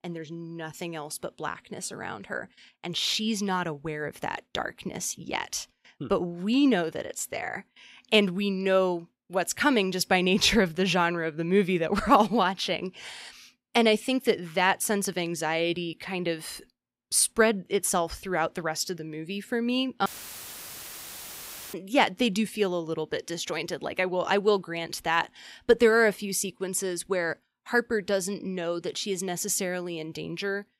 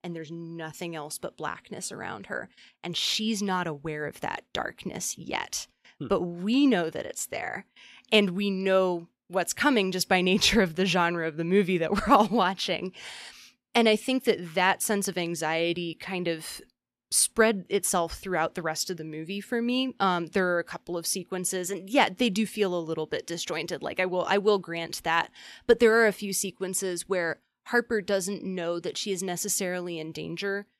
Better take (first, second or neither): second